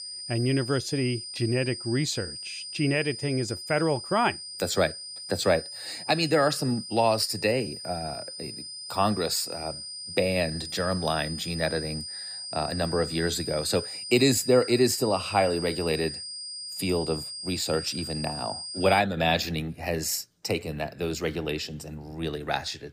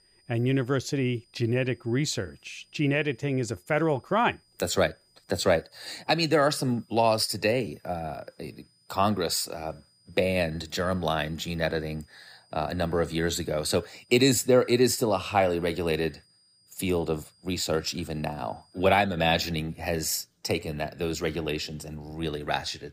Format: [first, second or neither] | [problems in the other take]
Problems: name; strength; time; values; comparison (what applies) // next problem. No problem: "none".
second | high-pitched whine; loud; until 19 s; 5 kHz, 8 dB below the speech; faint in the second